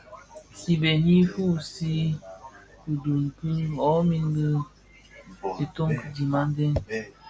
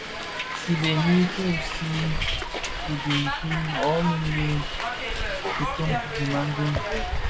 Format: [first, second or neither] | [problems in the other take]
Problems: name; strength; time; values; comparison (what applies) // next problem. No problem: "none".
first | background sound (Hiss); 2 dB below the speech